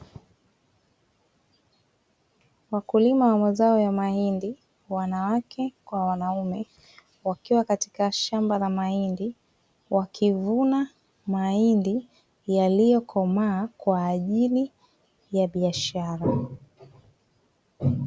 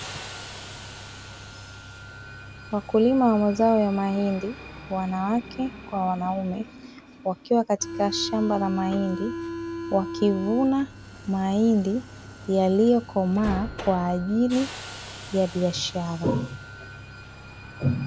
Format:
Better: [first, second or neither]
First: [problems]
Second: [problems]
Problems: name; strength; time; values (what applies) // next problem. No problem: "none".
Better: first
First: none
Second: background sound (Subway, metro, underground); 12 dB below the speech